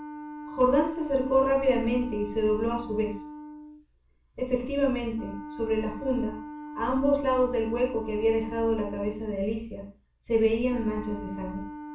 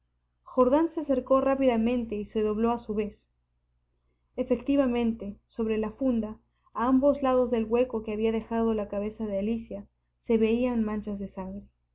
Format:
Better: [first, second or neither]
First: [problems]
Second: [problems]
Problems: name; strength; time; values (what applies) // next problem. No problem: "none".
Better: second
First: background sound (Wind instrument, woodwind instrument); 13 dB below the speech // room echo; dies away in 0.3 s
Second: none